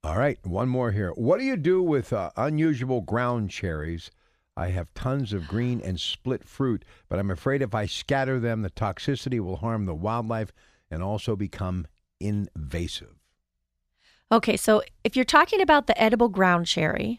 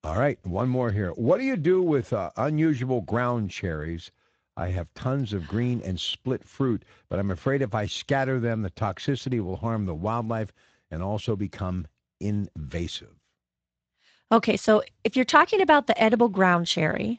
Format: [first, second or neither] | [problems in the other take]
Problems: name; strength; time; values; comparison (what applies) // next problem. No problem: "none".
first | garbled, watery; slightly; nothing above 7.5 kHz